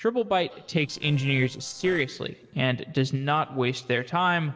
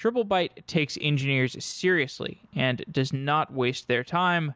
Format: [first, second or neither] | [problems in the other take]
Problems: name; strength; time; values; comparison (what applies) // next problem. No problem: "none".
second | noise reduction (neural separator model SepFormer DNS4)